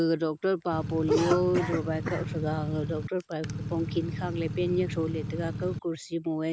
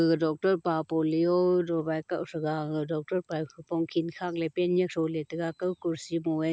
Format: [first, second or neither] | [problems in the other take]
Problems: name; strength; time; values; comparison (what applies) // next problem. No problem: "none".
second | background sound (Cough + Engine / Truck / Car); 3 dB below the speech